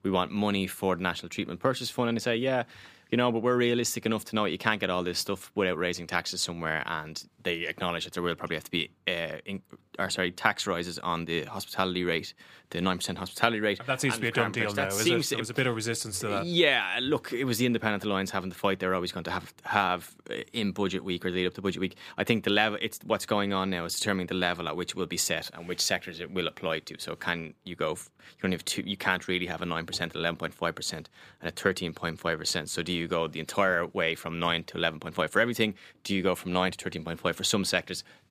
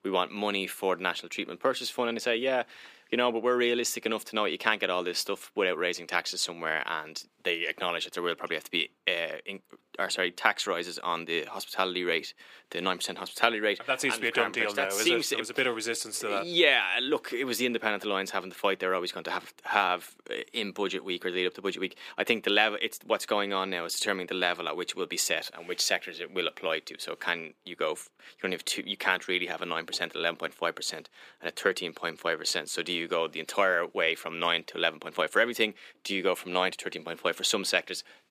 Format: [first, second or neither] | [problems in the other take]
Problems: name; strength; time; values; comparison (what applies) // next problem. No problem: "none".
first | thin; somewhat; fading below 350 Hz